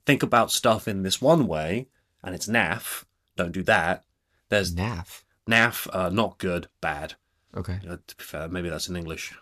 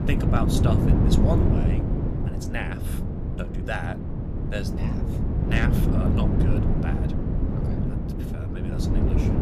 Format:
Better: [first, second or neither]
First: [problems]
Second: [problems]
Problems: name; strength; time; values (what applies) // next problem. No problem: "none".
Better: first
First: none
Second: wind noise on the microphone; heavy; 1 dB above the speech